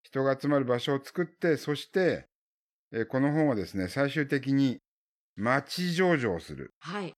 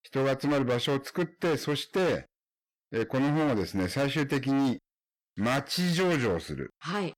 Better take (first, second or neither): first